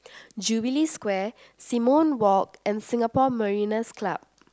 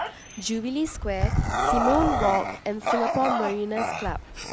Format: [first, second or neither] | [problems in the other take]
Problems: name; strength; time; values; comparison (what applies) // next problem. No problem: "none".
first | background sound (Bark / Growling); 1 dB above the speech